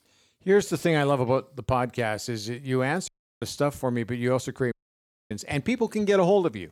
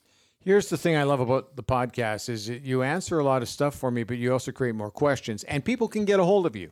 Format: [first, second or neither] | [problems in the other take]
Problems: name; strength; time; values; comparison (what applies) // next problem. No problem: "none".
second | audio cutting out; at 3 s and at 4.5 s for 0.5 s